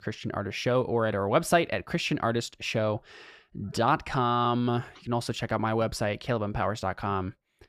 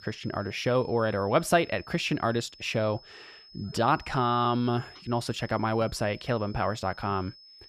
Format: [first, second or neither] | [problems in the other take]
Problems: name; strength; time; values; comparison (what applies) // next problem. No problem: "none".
first | high-pitched whine; faint; throughout; 5 kHz, 20 dB below the speech